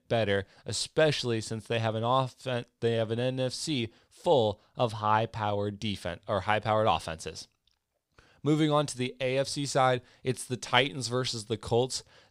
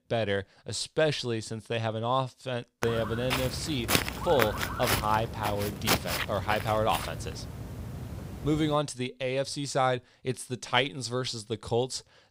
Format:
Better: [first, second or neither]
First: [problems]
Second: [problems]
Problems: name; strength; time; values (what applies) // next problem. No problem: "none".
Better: first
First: none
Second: footsteps; loud; from 3 to 8.5 s; peak 4 dB above the speech